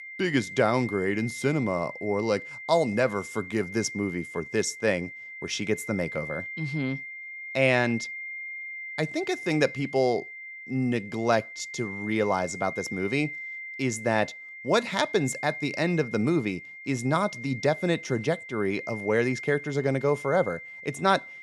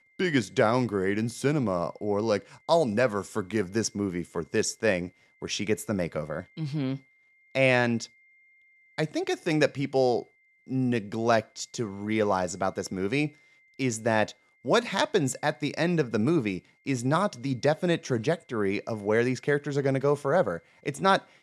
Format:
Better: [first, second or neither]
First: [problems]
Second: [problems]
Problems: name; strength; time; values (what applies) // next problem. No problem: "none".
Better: second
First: high-pitched whine; loud; throughout; 2 kHz, 10 dB below the speech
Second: high-pitched whine; faint; throughout; 2 kHz, 35 dB below the speech